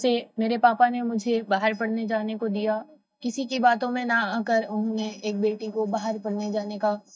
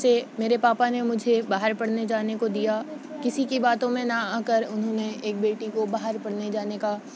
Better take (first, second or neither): second